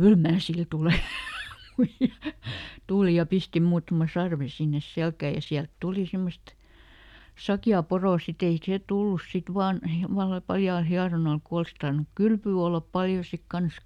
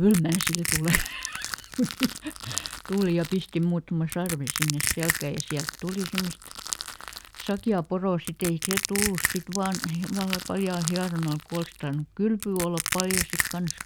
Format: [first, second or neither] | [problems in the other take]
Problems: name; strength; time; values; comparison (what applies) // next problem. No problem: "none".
first | background sound (Crushing); 5 dB below the speech